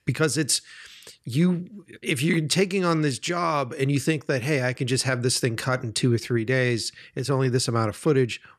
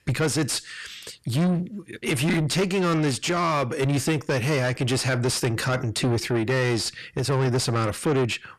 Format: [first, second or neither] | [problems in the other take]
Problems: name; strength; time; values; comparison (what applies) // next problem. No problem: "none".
first | distortion; heavy; 7 dB below the speech